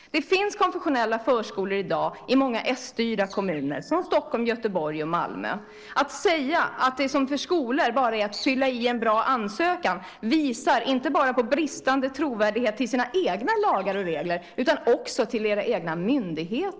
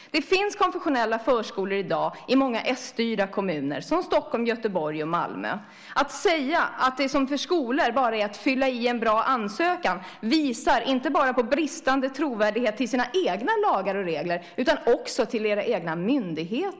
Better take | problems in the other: second | noise reduction (neural separator model SepFormer DNS4)

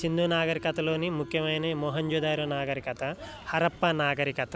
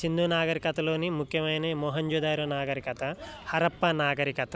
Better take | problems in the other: second | background sound (Subway, metro, underground); 18 dB below the speech

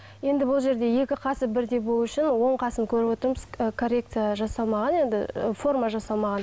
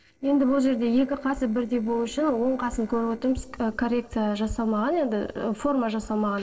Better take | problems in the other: first | noise reduction (neural separator model SepFormer DNS4)

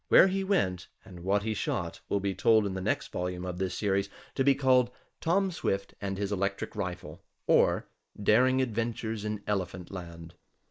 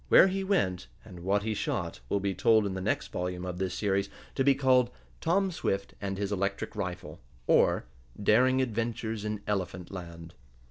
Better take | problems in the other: second | noise reduction (neural mask model Resemble Enhance denoiser)

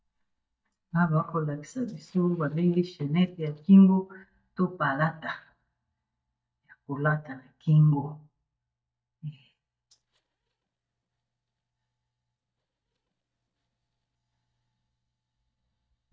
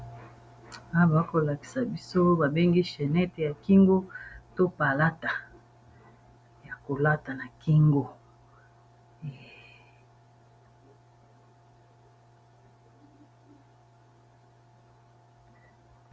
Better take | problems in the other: second | noise reduction (neural mask model DeepFilterNet 3)

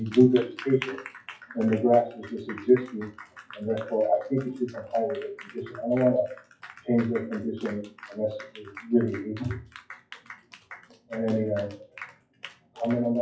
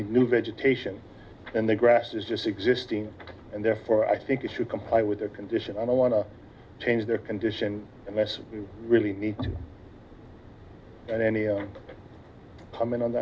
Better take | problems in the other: second | noise reduction (classical method WPE with log-MMSE)

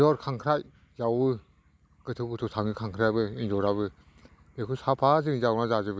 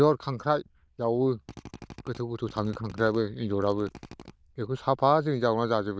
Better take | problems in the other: first | noise reduction (neural diffusion model UNIVERSE++)

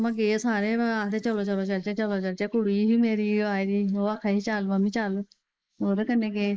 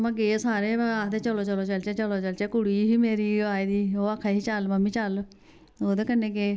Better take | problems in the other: second | noise reduction (neural mask model Resemble Enhance denoiser)

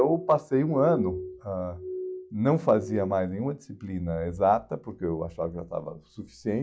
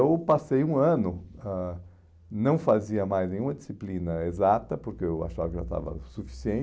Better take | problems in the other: second | noise reduction (classical method log-MMSE)

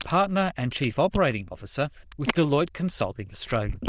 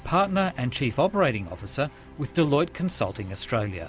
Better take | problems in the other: second | noise reduction (neural diffusion model UNIVERSE++)

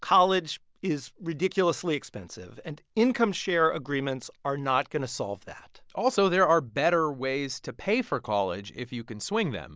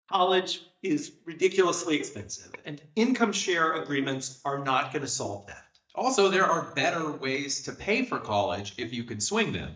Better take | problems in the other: first | noise reduction (neural mask model DeepFilterNet 3)

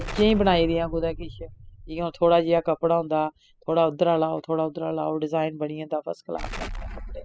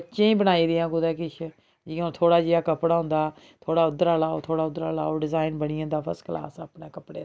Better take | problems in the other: second | noise reduction (classical method spectral subtraction)

